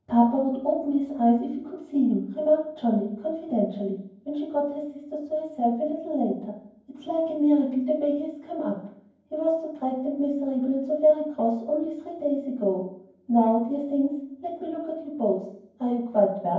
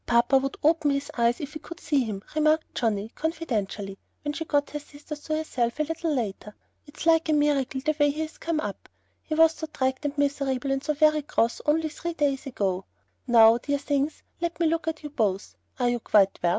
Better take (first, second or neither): second